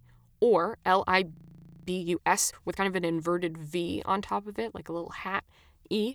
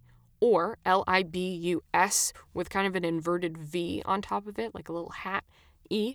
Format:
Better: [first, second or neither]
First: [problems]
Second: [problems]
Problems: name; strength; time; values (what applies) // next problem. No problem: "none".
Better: second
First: audio freezing; at 1.5 s for 0.5 s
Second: none